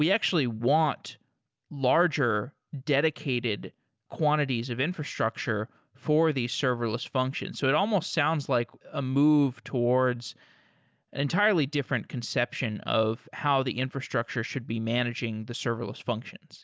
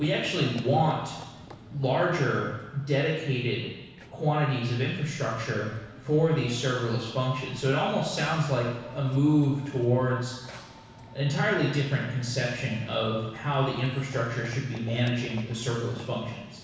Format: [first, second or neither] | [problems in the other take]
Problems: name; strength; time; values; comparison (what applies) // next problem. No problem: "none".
first | background sound (Run / Train); 19 dB below the speech // room echo; dies away in 1.1 s